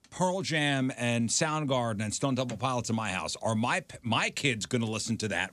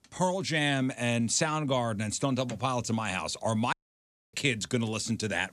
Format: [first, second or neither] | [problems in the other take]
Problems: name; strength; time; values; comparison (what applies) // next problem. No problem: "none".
first | audio cutting out; at 3.5 s for 0.5 s